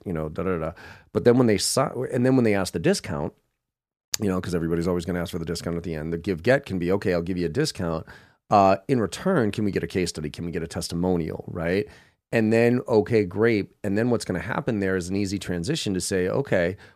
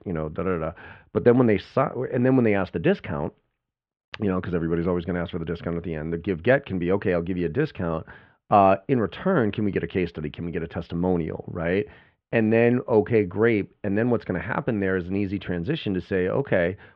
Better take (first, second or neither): first